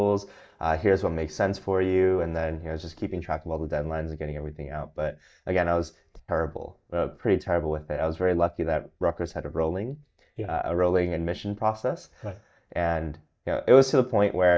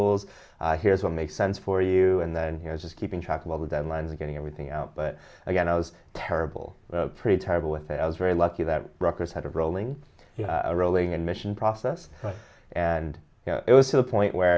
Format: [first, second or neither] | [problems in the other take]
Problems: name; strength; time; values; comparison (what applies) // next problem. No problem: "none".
second | noise reduction (neural mask model DeepFilterNet 3)